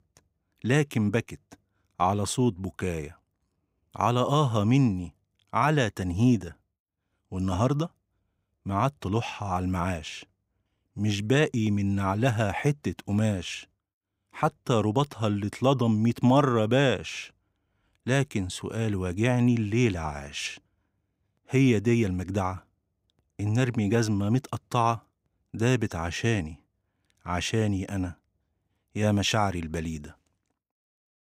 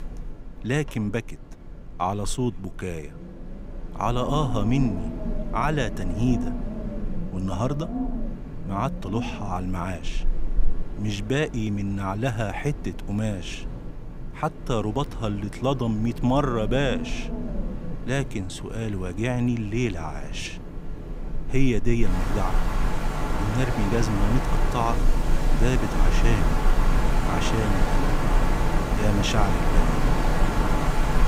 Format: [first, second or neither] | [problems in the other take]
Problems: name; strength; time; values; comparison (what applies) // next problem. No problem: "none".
first | wind in the background; loud; throughout; 2 dB below the speech